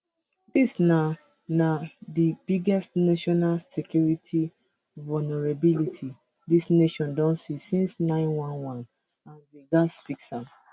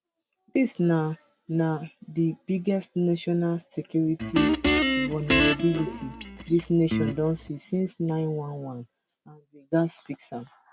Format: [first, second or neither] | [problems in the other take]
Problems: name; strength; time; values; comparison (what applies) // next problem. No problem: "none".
first | background sound (Guitar); 1 dB above the speech